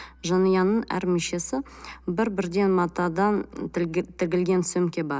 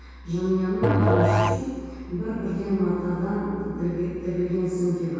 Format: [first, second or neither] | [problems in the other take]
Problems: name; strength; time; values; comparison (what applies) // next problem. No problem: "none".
first | background sound (Musical instrument); 1 dB above the speech // room echo; dies away in 2 s